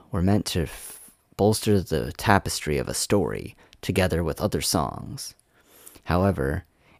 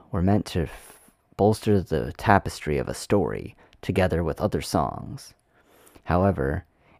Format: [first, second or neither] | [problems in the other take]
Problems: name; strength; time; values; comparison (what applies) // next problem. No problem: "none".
first | muffled; slightly; fading above 3 kHz